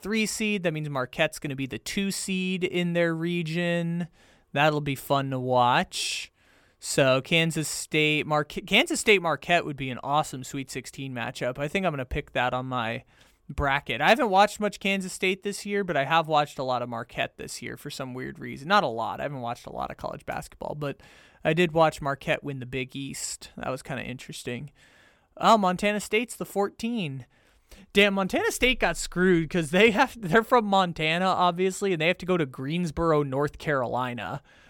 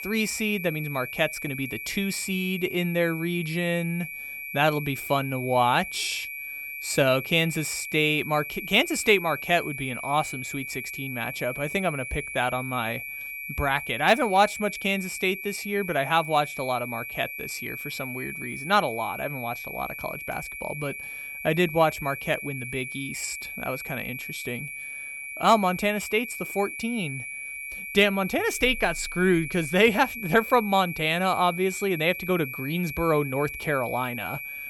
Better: first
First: none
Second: high-pitched whine; loud; throughout; 2.5 kHz, 8 dB below the speech

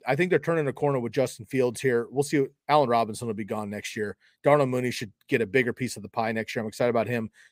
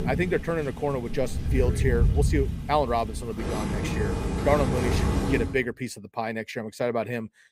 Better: first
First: none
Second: animal sounds; very loud; until 5.5 s; as loud as the speech

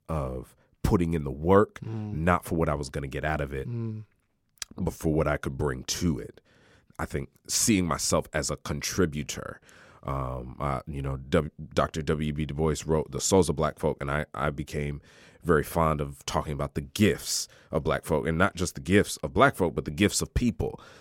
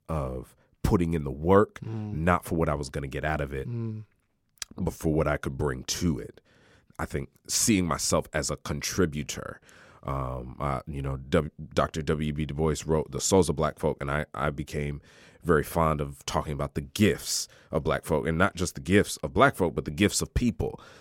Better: neither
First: none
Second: none

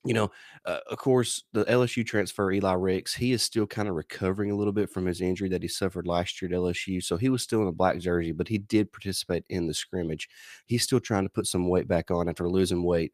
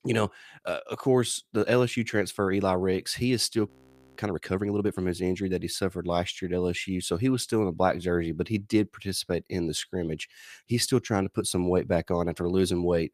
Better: first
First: none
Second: audio freezing; at 3.5 s

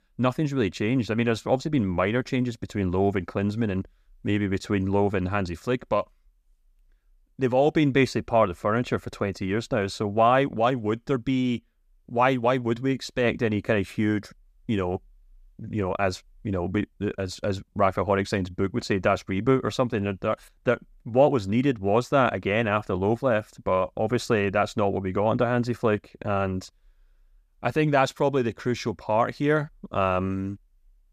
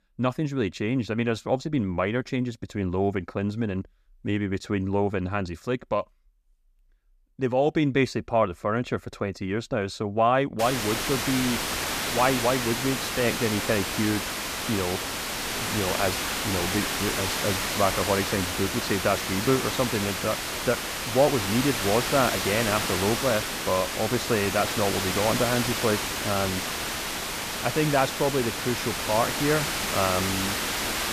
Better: first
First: none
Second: hiss; loud; from 11 s on; 1 dB below the speech

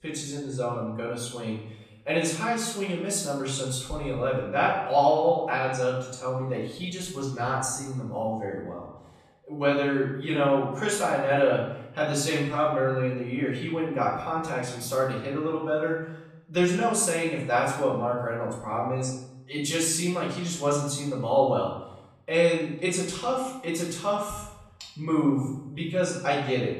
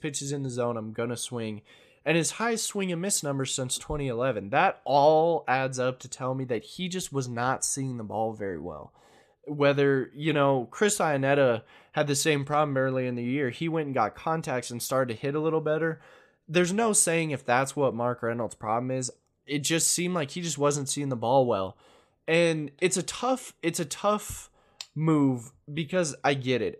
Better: second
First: off-mic speech; far // room echo; noticeable; dies away in 0.7 s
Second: none

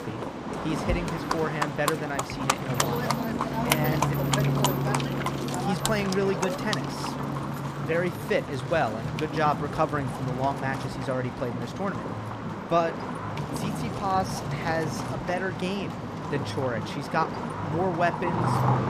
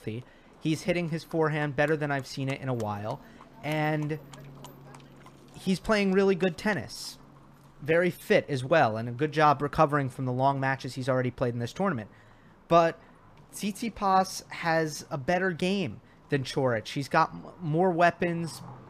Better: second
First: animal sounds; loud; throughout; as loud as the speech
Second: animal sounds; faint; throughout; 25 dB below the speech

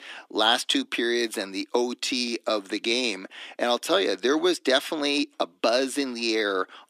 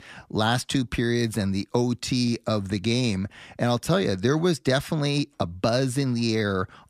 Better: second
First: thin; somewhat; fading below 300 Hz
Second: none

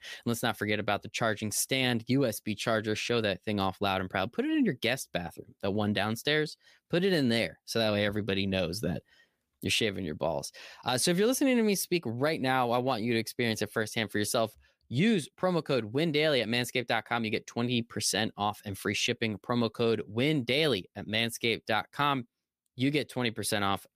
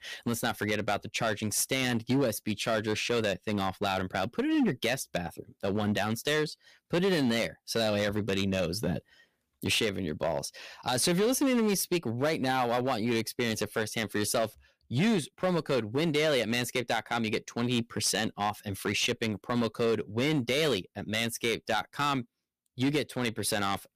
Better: first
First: none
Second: distortion; slight; 7% of the sound clipped

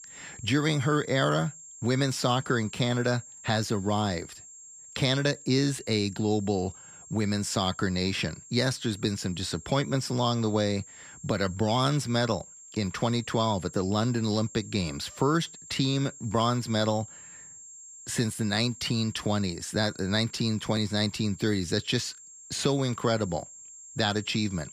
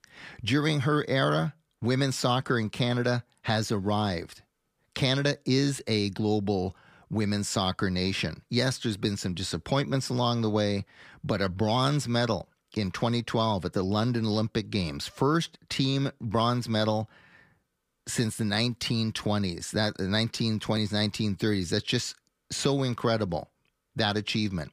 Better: second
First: high-pitched whine; noticeable; throughout; 7.5 kHz, 15 dB below the speech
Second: none

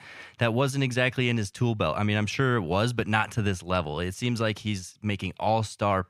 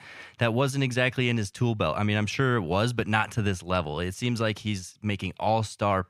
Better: neither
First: none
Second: none

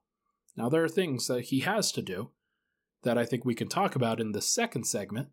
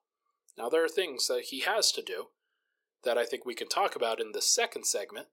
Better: first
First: none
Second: thin; very; fading below 450 Hz

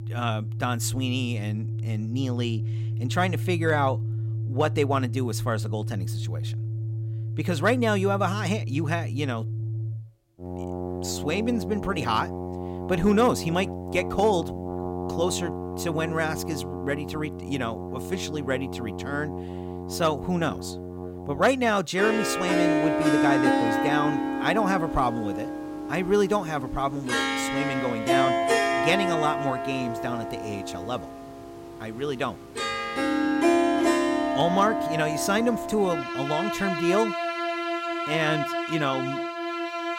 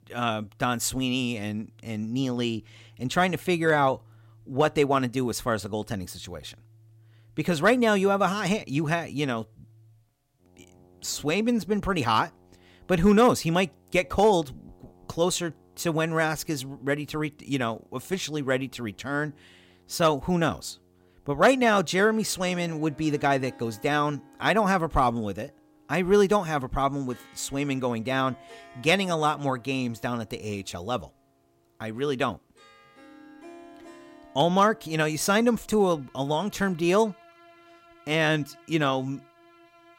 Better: second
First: background music; loud; throughout; 1 dB below the speech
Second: background music; faint; throughout; 30 dB below the speech

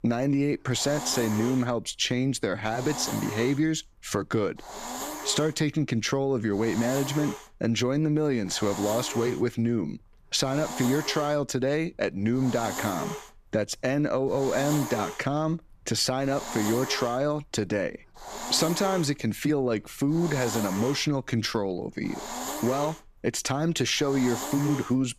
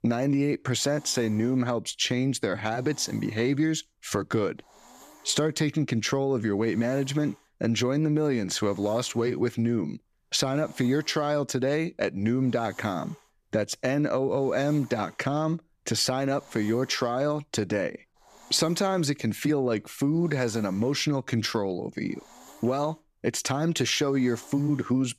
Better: second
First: hiss; loud; throughout; 9 dB below the speech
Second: hiss; faint; throughout; 25 dB below the speech

